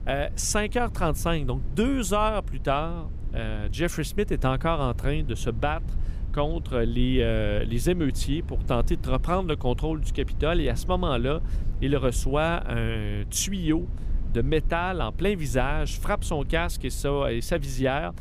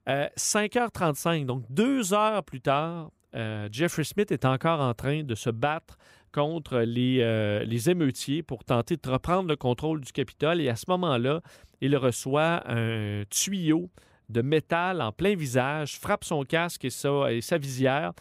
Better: second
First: low rumble; faint; throughout; 20 dB below the speech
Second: none

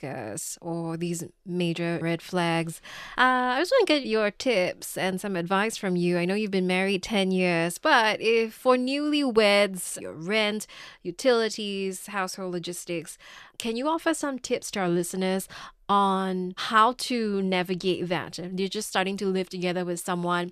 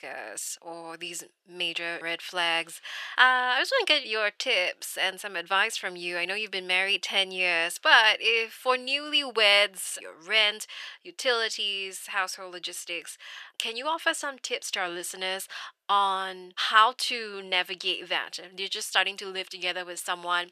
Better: first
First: none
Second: thin; very; fading below 650 Hz

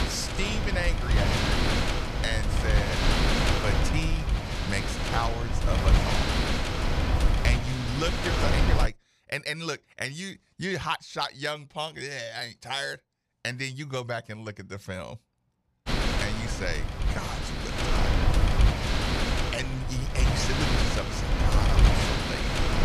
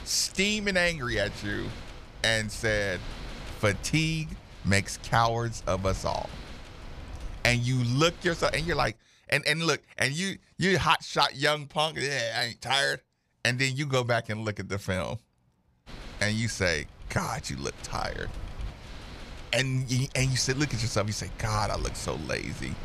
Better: second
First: wind noise on the microphone; heavy; until 9 s and from 16 s on; 3 dB above the speech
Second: wind noise on the microphone; occasional gusts; until 9 s and from 16 s on; 20 dB below the speech

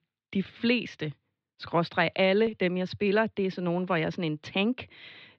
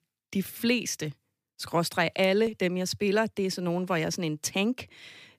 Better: second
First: muffled; slightly; fading above 4 kHz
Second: none

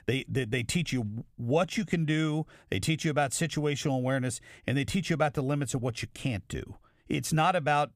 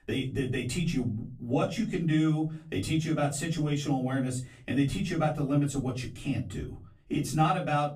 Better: first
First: none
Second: off-mic speech; far // room echo; very slight; dies away in 0.3 s

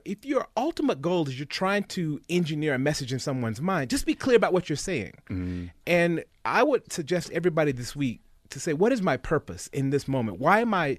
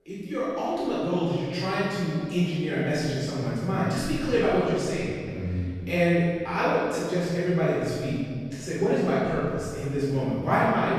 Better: first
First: none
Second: room echo; strong; dies away in 2.1 s // off-mic speech; far

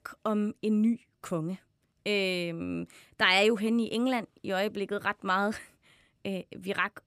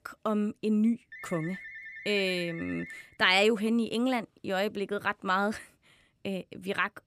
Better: first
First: none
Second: phone ringing; faint; from 1 to 3 s; peak 10 dB below the speech

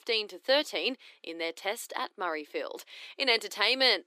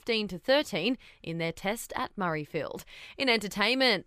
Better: second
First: thin; somewhat; fading below 300 Hz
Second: none

